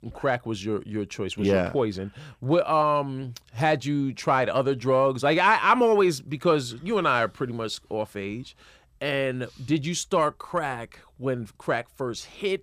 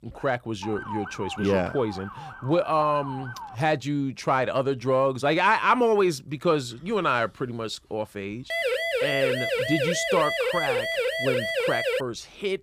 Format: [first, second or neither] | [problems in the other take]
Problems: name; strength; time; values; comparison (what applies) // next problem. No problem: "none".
first | siren; noticeable; from 0.5 to 3.5 s; peak 9 dB below the speech // siren; loud; from 8.5 to 12 s; peak 1 dB above the speech